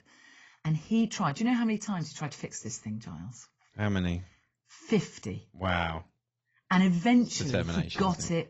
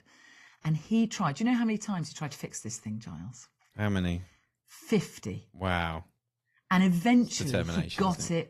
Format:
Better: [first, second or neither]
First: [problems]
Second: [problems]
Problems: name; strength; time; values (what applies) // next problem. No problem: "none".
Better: second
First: garbled, watery; badly; nothing above 7.5 kHz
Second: garbled, watery; slightly; nothing above 14 kHz